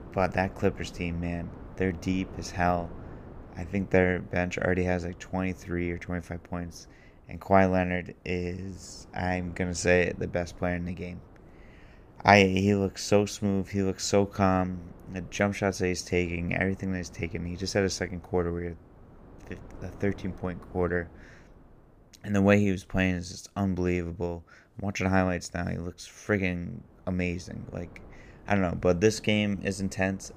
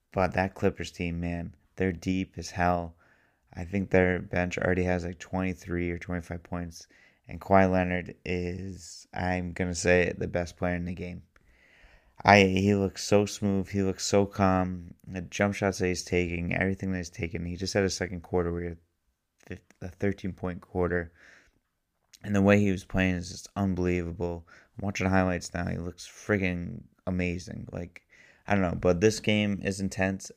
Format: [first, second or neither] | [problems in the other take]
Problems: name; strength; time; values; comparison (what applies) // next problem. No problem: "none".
second | wind noise on the microphone; occasional gusts; 25 dB below the speech